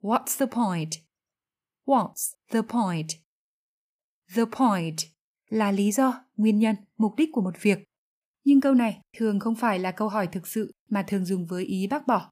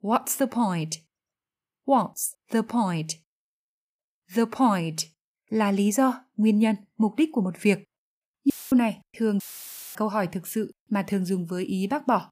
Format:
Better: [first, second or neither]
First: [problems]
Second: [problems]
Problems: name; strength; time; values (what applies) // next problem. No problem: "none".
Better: first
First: none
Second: audio cutting out; filled with static; at 8.5 s and at 9.5 s for 0.5 s